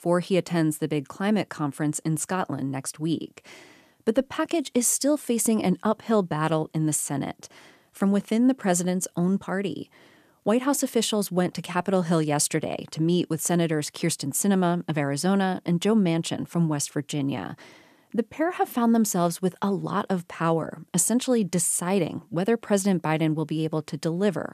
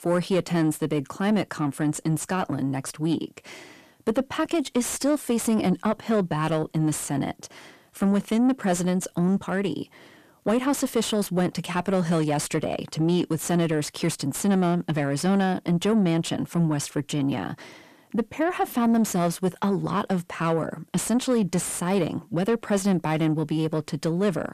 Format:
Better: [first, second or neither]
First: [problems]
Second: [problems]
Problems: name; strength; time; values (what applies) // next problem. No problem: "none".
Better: first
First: none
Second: distortion; slight; 10 dB below the speech